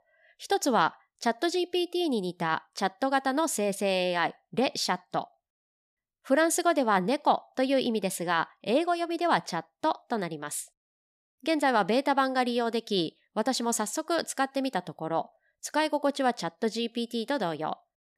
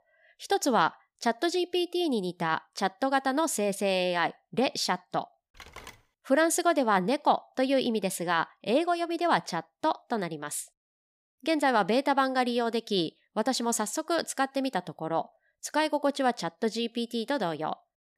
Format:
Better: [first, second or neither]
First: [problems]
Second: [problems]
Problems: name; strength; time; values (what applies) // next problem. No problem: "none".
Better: first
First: none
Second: phone ringing; faint; at 5.5 s; peak 15 dB below the speech